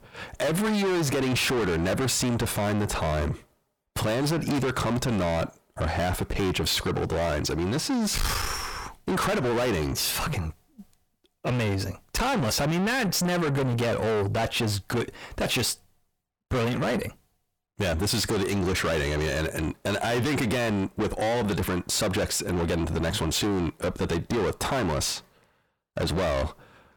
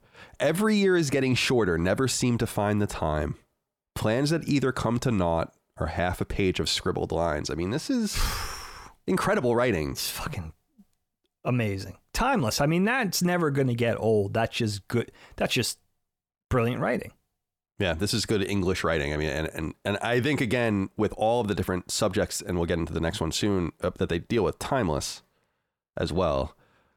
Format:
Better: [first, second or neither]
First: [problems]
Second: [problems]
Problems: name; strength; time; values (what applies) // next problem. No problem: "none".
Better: second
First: distortion; heavy; 6 dB below the speech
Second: none